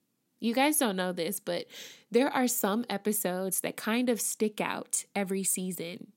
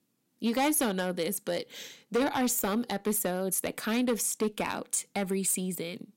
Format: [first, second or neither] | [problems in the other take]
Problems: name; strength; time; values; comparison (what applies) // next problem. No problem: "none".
first | distortion; slight; 5% of the sound clipped